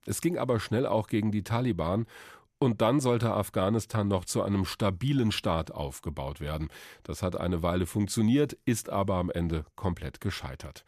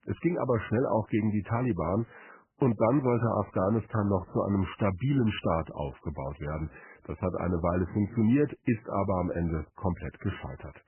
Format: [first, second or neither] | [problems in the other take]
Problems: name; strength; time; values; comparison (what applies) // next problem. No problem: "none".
first | garbled, watery; badly; nothing above 3 kHz